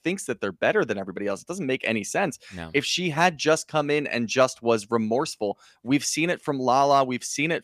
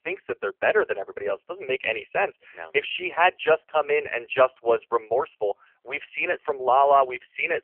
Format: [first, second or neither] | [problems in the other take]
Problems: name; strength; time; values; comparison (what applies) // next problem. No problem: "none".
first | phone-call audio; poor line; nothing above 3 kHz